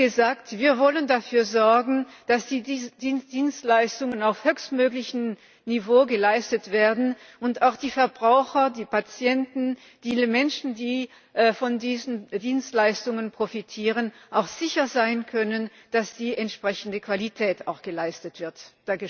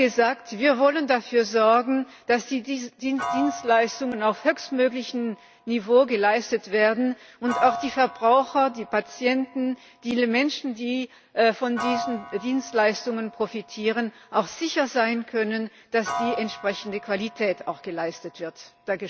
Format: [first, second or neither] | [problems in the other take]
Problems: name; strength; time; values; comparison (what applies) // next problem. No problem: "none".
first | background sound (Piano); 14 dB below the speech